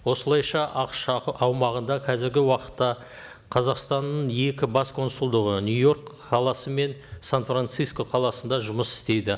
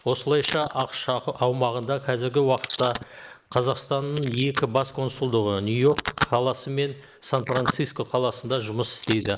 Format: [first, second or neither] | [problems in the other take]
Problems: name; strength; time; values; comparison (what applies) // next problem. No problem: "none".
first | noise reduction (neural mask model Resemble Enhance denoiser)